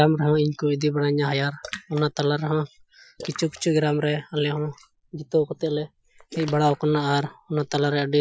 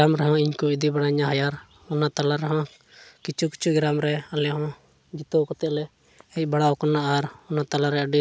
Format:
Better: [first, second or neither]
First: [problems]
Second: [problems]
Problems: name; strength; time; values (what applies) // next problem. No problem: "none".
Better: second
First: noise reduction (classical method Wiener filter)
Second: none